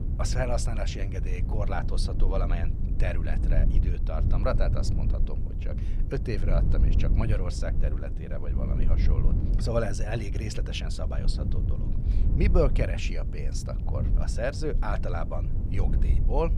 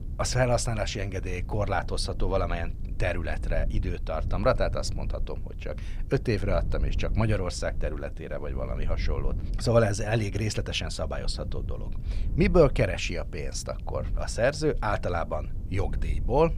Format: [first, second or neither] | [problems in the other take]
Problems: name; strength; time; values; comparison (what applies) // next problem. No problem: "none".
second | low rumble; loud; throughout; 9 dB below the speech; faint in the second